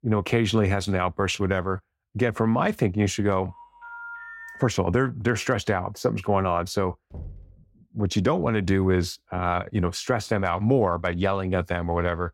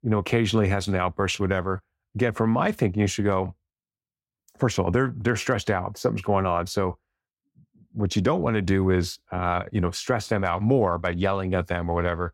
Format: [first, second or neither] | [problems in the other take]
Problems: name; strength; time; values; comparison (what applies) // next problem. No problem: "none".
second | phone ringing; faint; from 3.5 to 5 s; peak 15 dB below the speech // door banging; faint; at 7 s; peak 15 dB below the speech